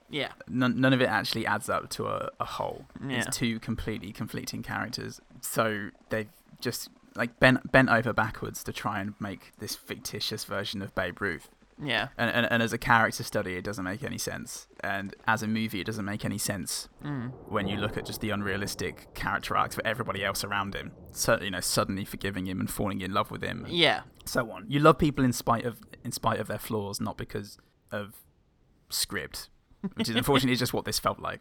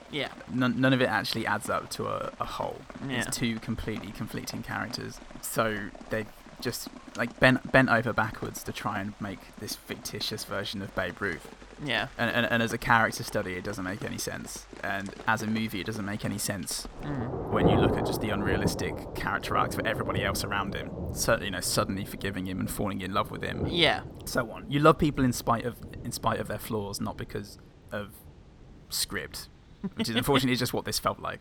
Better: first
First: rain or running water; faint; throughout; 25 dB below the speech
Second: rain or running water; loud; throughout; 9 dB below the speech

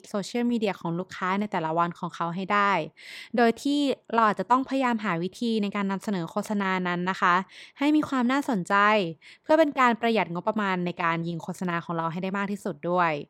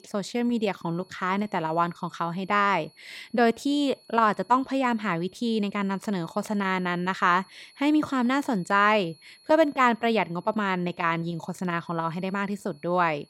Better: first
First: none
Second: high-pitched whine; faint; throughout; 4.5 kHz, 30 dB below the speech

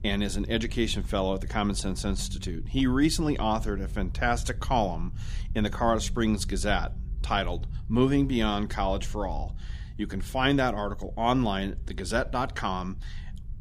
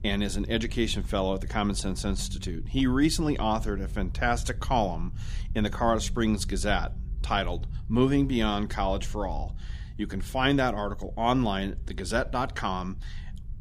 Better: neither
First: low rumble; faint; throughout; 25 dB below the speech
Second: low rumble; faint; throughout; 25 dB below the speech

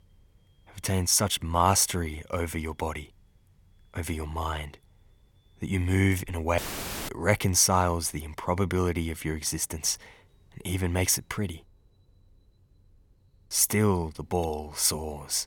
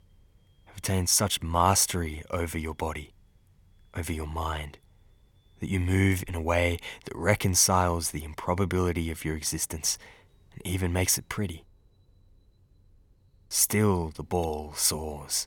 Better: second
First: audio cutting out; filled with static; at 6.5 s for 0.5 s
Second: none

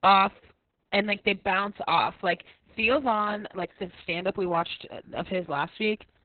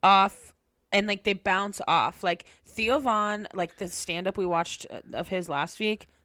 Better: second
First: garbled, watery; badly; nothing above 4 kHz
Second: garbled, watery; slightly

